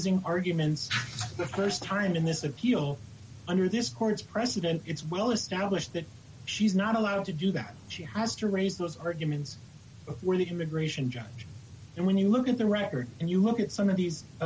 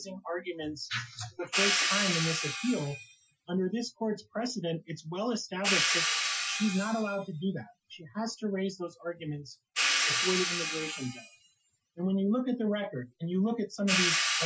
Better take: first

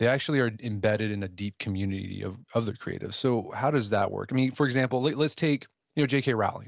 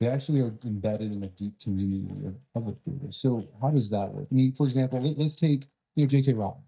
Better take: first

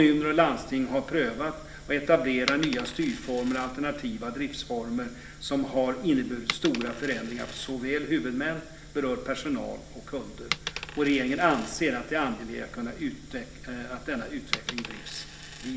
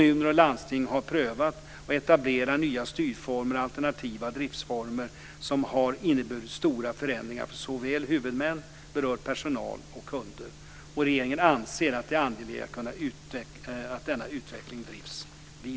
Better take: second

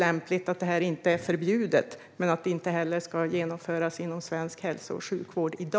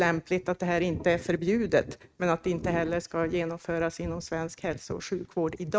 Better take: first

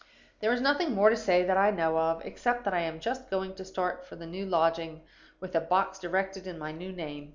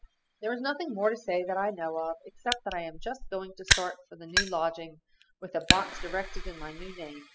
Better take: first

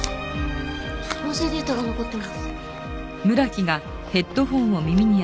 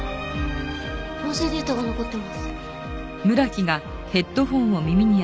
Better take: second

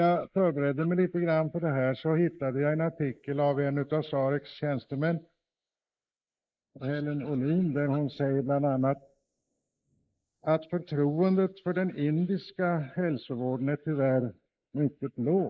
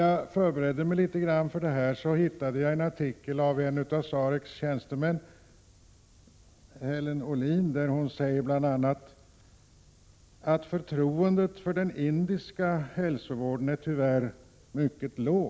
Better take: second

